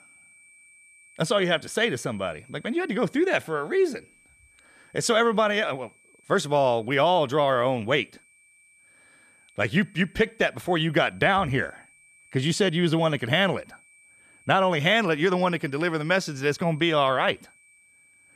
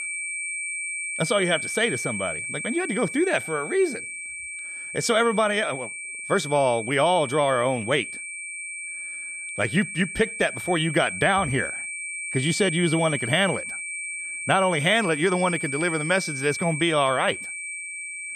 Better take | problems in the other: first | high-pitched whine; loud; throughout; 2.5 kHz, 6 dB below the speech; faint in the first

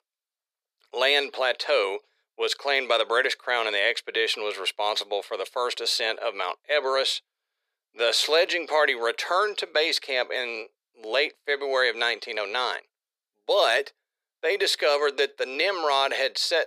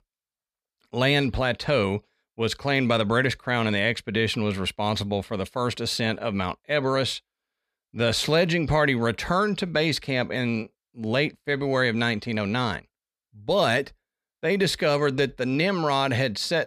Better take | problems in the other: second | thin; very; fading below 400 Hz

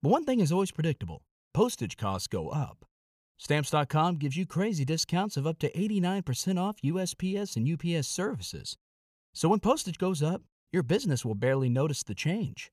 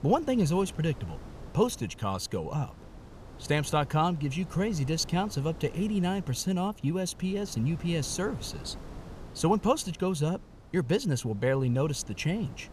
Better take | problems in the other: first | wind noise on the microphone; occasional gusts; 20 dB below the speech

